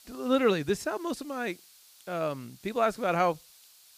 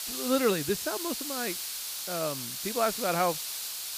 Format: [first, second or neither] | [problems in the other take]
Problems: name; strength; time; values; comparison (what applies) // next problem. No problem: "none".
first | hiss; loud; throughout; 2 dB below the speech; faint in the first